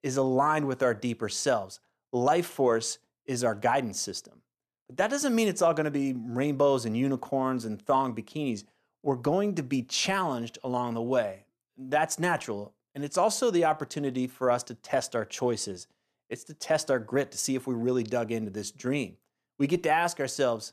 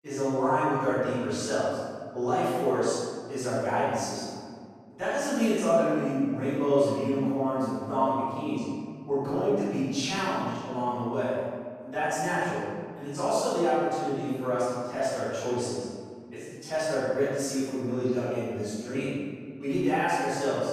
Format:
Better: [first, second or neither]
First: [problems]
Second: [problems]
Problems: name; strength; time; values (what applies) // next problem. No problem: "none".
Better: first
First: none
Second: room echo; strong; dies away in 1.8 s // off-mic speech; far